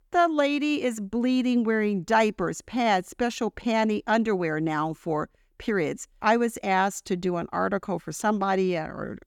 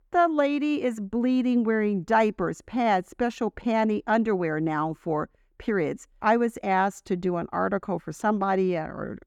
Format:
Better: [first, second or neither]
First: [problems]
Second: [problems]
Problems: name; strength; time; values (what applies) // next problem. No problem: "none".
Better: first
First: none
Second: muffled; slightly; fading above 2.5 kHz